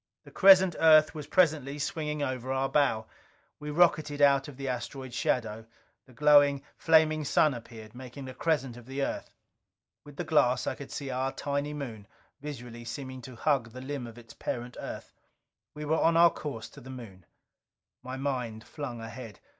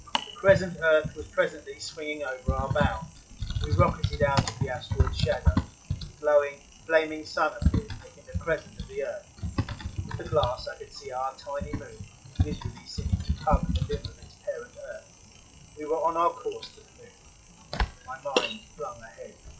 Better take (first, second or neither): first